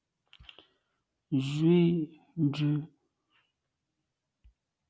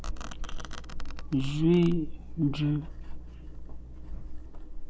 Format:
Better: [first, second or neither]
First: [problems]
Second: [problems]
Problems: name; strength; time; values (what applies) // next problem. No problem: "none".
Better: first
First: none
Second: background sound (Domestic sounds, home sounds); 3 dB below the speech